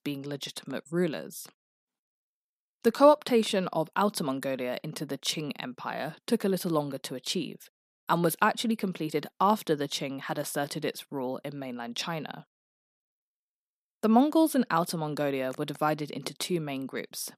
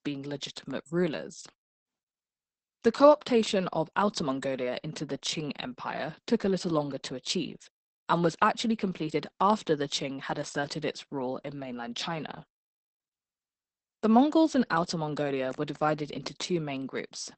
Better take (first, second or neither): first